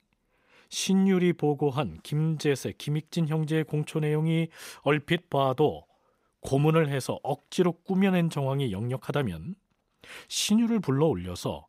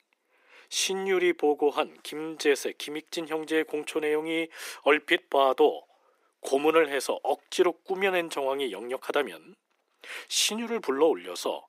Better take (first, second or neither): first